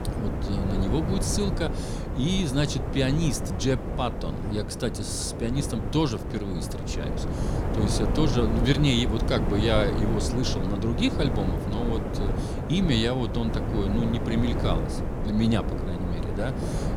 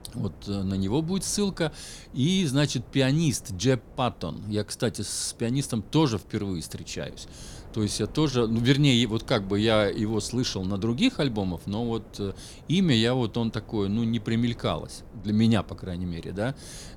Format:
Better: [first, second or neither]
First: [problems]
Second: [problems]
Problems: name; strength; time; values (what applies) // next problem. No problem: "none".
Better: second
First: wind noise on the microphone; heavy; 4 dB below the speech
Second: wind noise on the microphone; occasional gusts; 25 dB below the speech